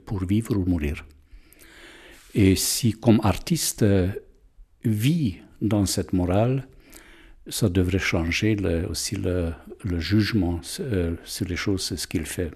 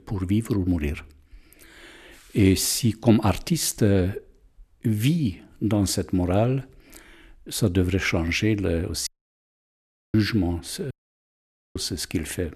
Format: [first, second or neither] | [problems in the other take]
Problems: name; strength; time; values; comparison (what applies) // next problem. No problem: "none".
first | audio cutting out; at 9 s for 1 s and at 11 s for 1 s